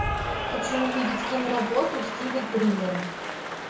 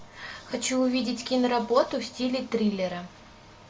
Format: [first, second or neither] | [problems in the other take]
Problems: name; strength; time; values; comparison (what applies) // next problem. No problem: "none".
second | background sound (Applause / Cheering); 2 dB below the speech // room echo; dies away in 0.6 s